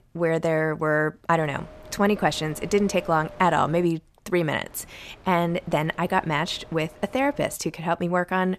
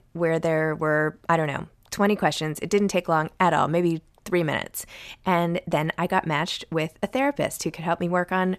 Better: second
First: wind noise on the microphone; occasional gusts; from 1.5 to 4 s and from 4.5 to 7.5 s; 20 dB below the speech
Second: none

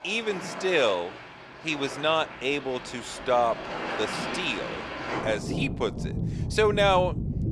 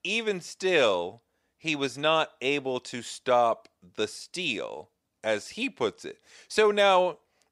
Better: second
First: rain or running water; loud; throughout; 6 dB below the speech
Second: none

